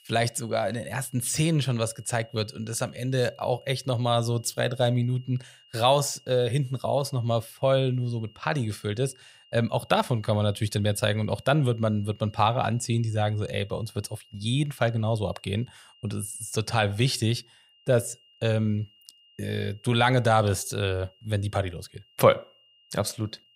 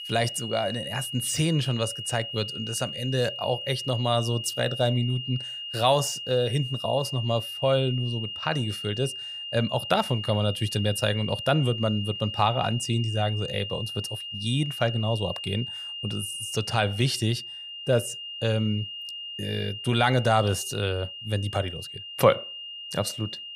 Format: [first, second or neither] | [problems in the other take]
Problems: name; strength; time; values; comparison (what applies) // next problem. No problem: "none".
first | high-pitched whine; loud; throughout; 3 kHz, 7 dB below the speech; faint in the first